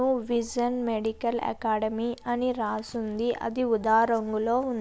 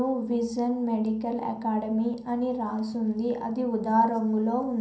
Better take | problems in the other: first | room echo; dies away in 0.6 s

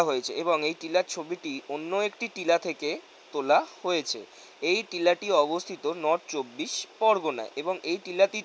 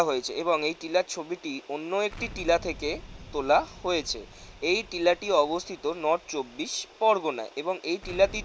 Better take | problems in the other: first | background sound (Explosion); 19 dB below the speech

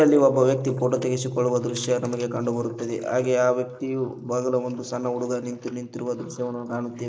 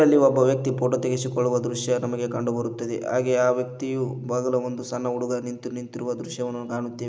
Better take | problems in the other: second | noise reduction (neural mask model Resemble Enhance denoiser)

